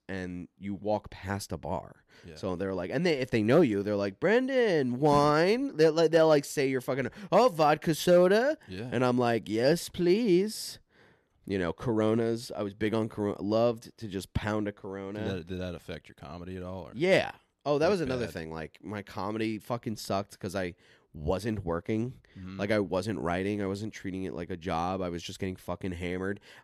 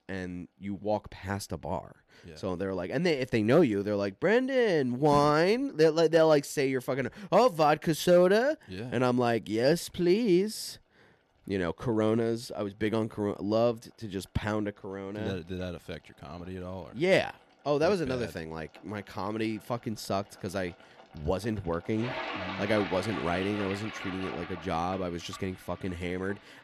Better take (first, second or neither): first